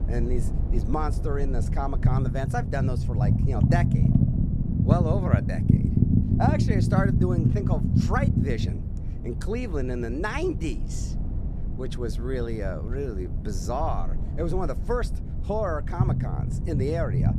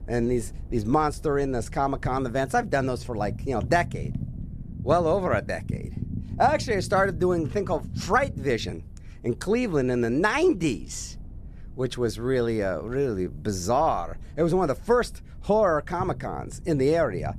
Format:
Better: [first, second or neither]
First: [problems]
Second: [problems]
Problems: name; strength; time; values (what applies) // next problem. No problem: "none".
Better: second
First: low rumble; loud; throughout; 5 dB below the speech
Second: low rumble; faint; throughout; 25 dB below the speech